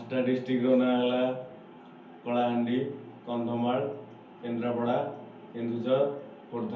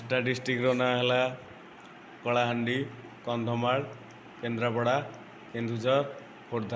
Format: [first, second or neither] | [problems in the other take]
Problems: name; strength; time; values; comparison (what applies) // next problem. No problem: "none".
second | room echo; dies away in 0.5 s